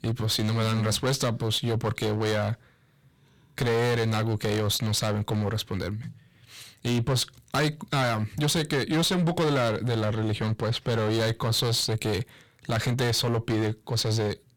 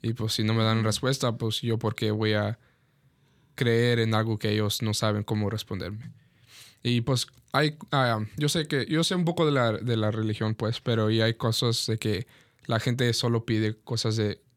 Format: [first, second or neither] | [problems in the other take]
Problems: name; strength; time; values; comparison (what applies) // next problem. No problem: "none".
second | distortion; heavy; 15% of the sound clipped